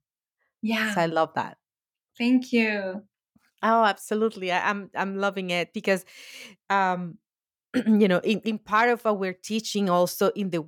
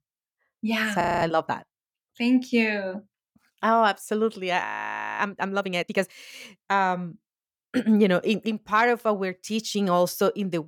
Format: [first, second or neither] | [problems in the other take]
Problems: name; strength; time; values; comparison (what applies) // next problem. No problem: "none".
first | audio freezing; at 1 s and at 4.5 s for 0.5 s